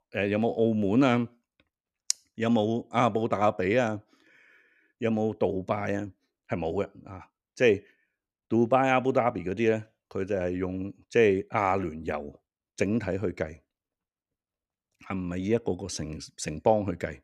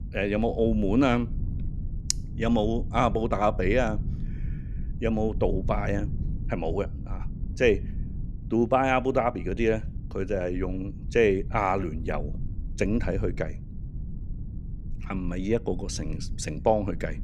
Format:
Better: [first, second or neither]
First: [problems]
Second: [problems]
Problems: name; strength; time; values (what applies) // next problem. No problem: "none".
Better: first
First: none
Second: low rumble; faint; throughout; 20 dB below the speech